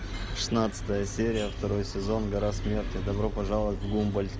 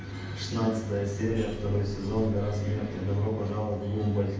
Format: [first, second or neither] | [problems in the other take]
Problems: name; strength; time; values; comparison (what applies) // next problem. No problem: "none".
first | background sound (Bus / Engine); 15 dB below the speech // room echo; dies away in 0.8 s